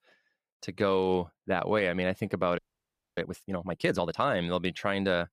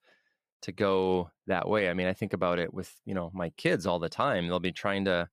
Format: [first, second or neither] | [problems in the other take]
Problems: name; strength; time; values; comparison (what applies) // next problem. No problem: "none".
second | audio freezing; at 2.5 s for 0.5 s